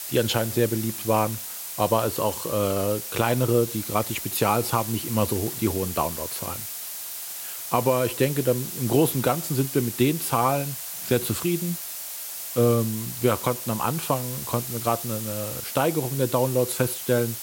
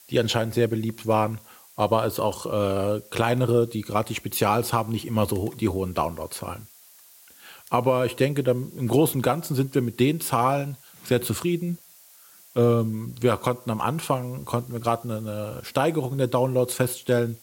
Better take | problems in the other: second | hiss; loud; throughout; 6 dB below the speech; faint in the second

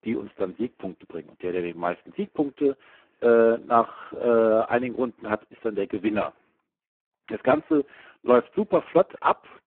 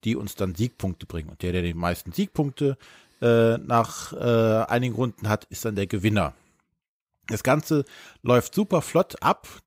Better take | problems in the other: second | phone-call audio; poor line; nothing above 3.5 kHz

